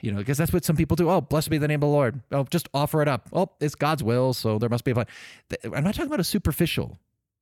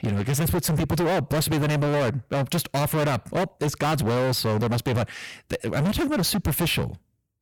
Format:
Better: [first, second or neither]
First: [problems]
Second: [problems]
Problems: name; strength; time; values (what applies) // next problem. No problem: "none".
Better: first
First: none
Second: distortion; heavy; 30% of the sound clipped